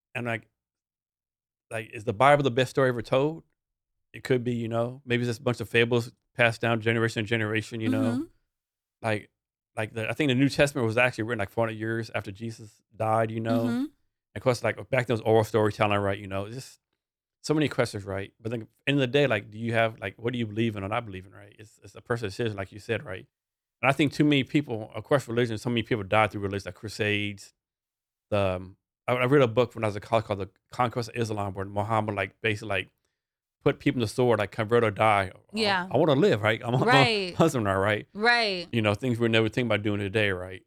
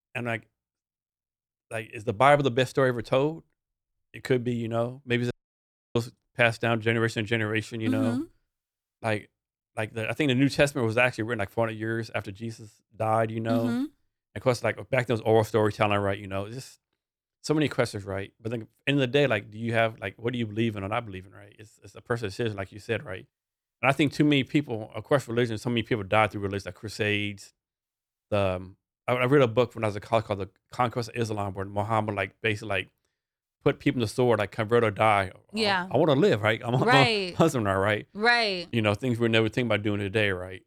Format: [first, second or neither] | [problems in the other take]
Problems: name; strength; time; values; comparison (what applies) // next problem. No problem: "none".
first | audio cutting out; at 5.5 s for 0.5 s